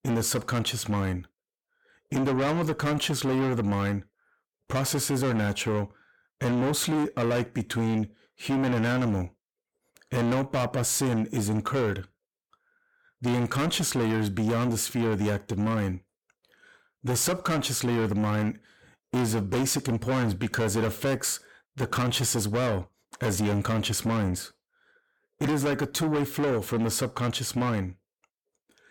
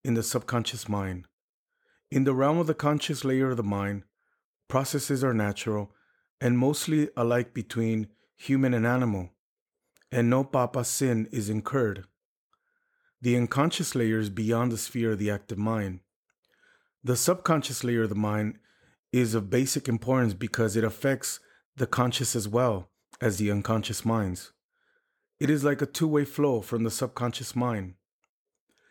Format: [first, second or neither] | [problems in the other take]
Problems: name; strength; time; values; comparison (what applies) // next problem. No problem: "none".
second | distortion; heavy; 6 dB below the speech